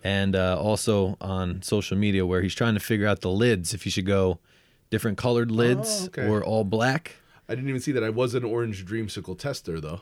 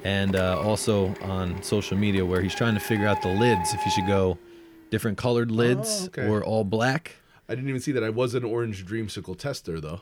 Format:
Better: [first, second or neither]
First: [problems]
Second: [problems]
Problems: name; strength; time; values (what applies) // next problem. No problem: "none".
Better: first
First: none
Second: household noises; loud; throughout; 7 dB below the speech